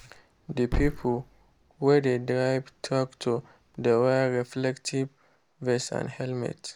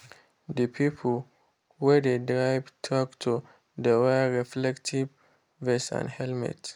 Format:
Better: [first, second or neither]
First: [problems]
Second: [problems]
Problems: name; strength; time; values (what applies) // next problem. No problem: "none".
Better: second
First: background sound (Thump, thud); 12 dB below the speech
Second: none